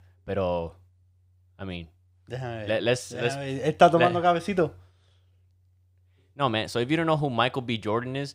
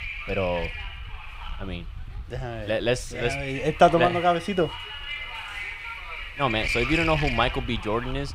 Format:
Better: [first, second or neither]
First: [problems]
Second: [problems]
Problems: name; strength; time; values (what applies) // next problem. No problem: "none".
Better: first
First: none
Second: wind noise on the microphone; heavy; 6 dB below the speech